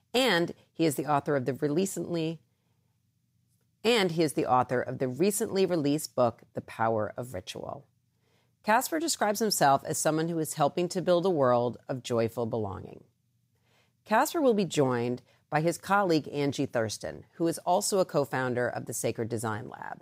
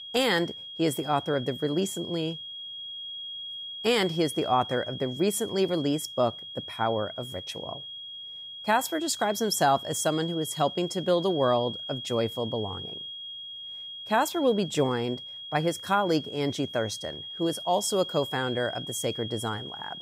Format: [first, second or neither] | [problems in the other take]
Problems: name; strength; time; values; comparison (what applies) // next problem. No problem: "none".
first | high-pitched whine; loud; throughout; 3.5 kHz, 9 dB below the speech